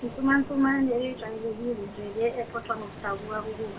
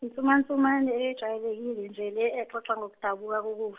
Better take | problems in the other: second | background sound (Ocean); 13 dB below the speech // room echo; dies away in 0.1 s

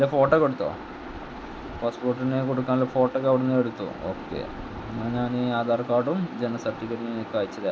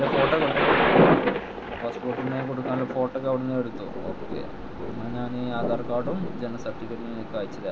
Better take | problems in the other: first | background sound (Thunder); 3 dB above the speech

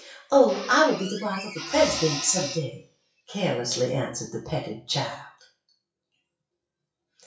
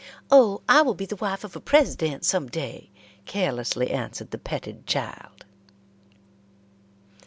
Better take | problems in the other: second | noise reduction (classical method WPE with log-MMSE)

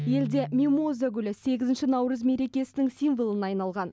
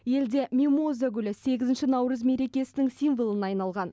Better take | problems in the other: second | background sound (Guitar); 14 dB below the speech

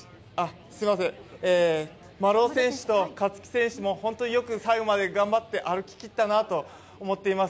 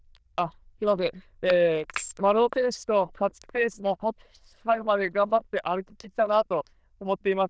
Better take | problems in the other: first | noise reduction (neural diffusion model UNIVERSE++)

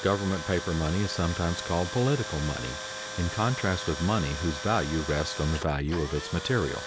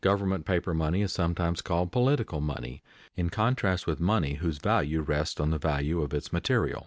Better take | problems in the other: second | background sound (Tools); 9 dB below the speech

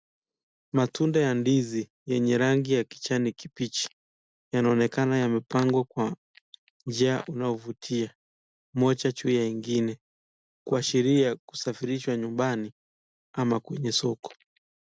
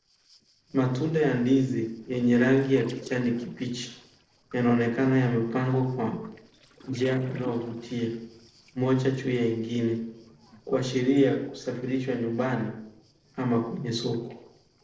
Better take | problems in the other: first | noise reduction (neural separator model SepFormer DNS4)

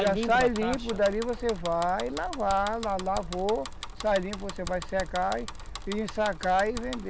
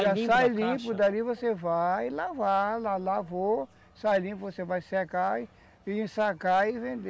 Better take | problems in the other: second | background sound (Bicycle); 9 dB below the speech

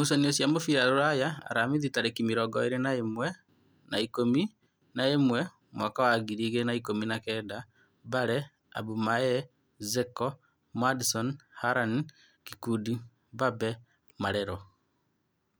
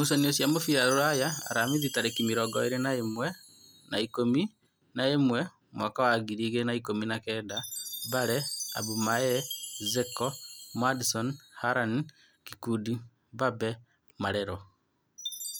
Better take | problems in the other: first | background sound (Chime); 12 dB below the speech

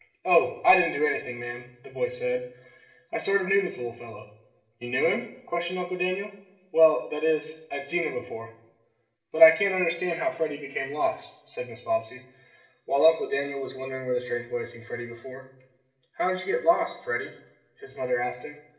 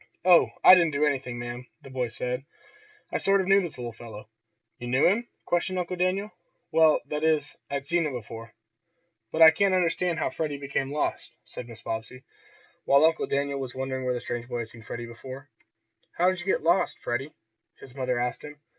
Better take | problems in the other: second | room echo; dies away in 0.9 s

